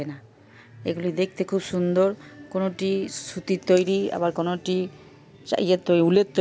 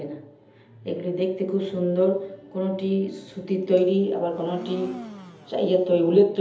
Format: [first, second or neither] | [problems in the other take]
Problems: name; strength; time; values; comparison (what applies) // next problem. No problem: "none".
first | background sound (Domestic sounds, home sounds); 16 dB below the speech // room echo; dies away in 0.7 s